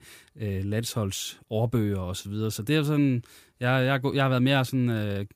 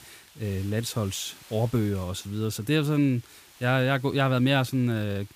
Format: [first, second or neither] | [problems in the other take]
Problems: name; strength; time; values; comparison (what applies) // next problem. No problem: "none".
first | hiss; faint; throughout; 25 dB below the speech